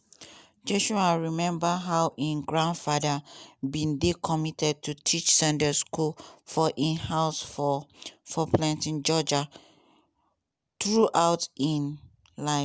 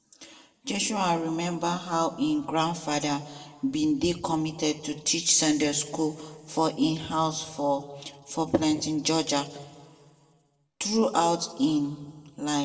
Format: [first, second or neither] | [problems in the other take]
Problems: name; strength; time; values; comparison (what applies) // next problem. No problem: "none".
first | room echo; dies away in 1.1 s